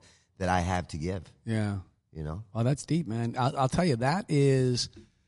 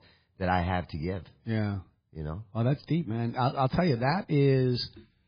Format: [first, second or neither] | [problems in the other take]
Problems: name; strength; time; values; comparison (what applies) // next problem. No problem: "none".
first | garbled, watery; badly; nothing above 5 kHz; slightly in the first